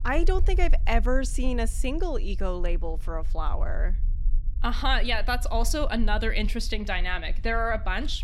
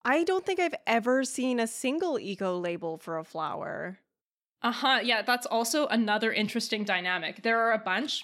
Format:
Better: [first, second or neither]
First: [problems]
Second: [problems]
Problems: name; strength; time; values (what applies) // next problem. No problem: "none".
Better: second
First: low rumble; faint; throughout; 25 dB below the speech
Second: none